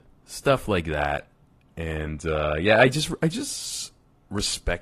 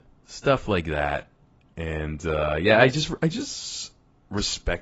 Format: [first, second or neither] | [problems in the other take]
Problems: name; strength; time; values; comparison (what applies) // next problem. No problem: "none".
first | garbled, watery; badly; nothing above 7.5 kHz; slightly in the first